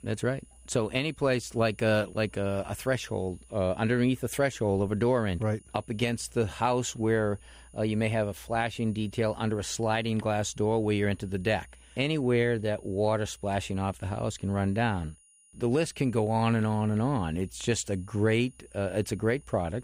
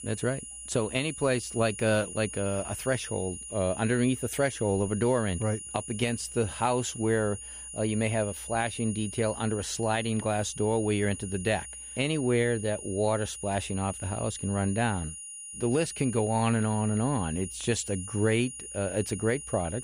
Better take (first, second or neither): first